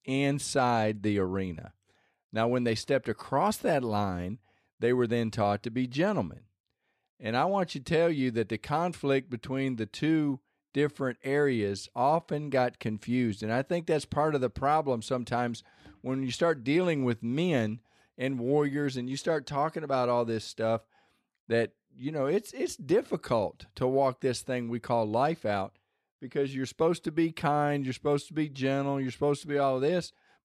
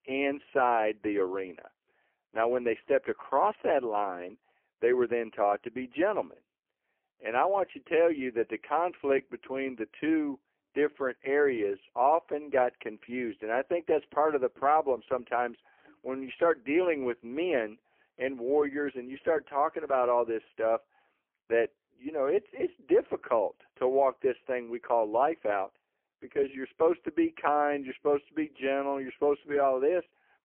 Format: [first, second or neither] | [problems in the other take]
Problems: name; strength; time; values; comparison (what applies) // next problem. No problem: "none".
first | phone-call audio; poor line